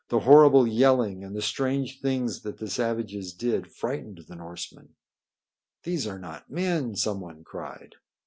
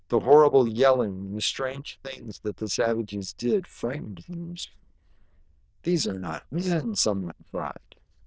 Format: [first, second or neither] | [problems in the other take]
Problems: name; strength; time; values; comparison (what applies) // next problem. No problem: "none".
first | noise reduction (neural diffusion model UNIVERSE++)